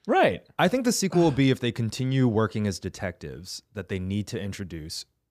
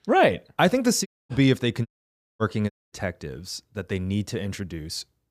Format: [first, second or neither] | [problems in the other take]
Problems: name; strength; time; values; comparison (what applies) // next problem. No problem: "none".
first | audio cutting out; at 1 s, at 2 s for 0.5 s and at 2.5 s